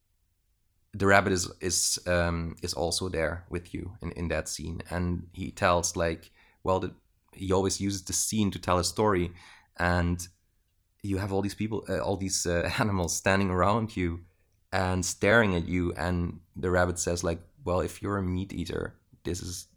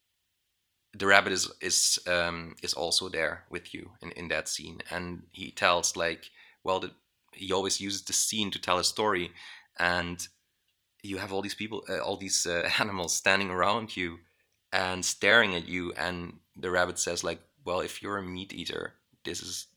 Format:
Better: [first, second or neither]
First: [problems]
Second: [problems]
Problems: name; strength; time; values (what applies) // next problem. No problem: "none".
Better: first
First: none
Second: thin; somewhat; fading below 800 Hz